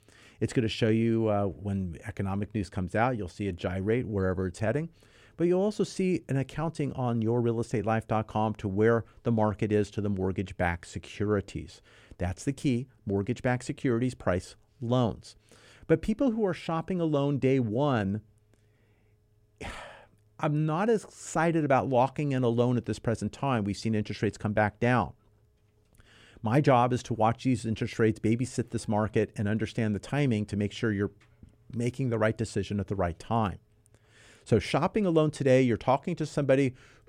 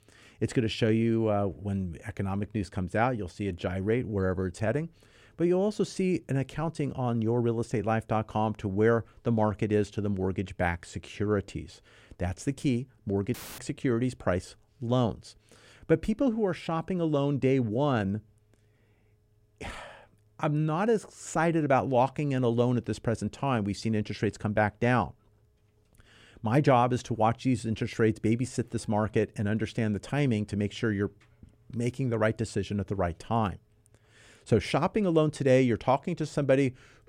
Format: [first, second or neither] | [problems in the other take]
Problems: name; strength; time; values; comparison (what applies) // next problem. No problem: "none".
first | audio cutting out; filled with static; at 13 s